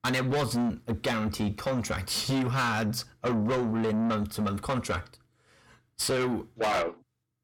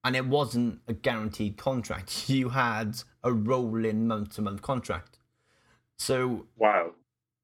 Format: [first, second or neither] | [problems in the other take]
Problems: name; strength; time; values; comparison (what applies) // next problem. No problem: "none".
second | distortion; heavy; 6 dB below the speech